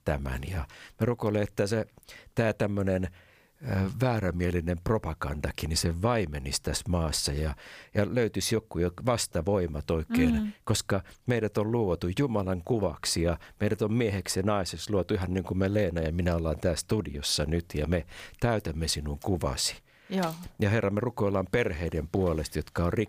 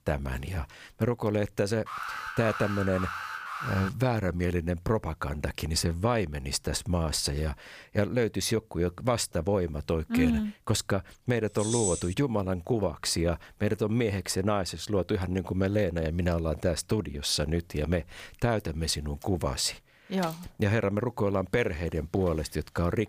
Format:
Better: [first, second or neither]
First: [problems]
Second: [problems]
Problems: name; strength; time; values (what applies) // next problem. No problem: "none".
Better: first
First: none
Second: alarm; noticeable; from 2 to 4 s; peak 6 dB below the speech // jangling keys; noticeable; at 12 s; peak 1 dB below the speech